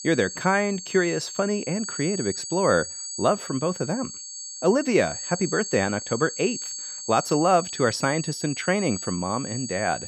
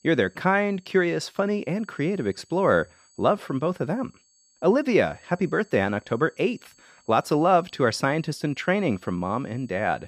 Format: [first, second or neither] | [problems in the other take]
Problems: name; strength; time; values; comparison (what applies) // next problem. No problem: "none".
second | high-pitched whine; loud; throughout; 8 kHz, 8 dB below the speech; faint in the second